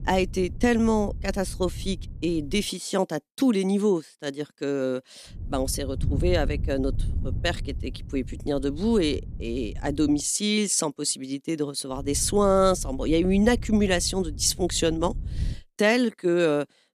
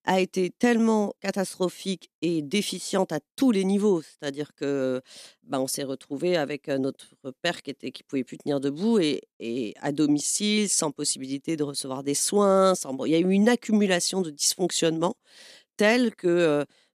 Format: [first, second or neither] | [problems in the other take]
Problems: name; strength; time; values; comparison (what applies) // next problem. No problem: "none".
second | wind noise on the microphone; occasional gusts; until 2.5 s, from 5.5 to 10 s and from 12 to 16 s; 25 dB below the speech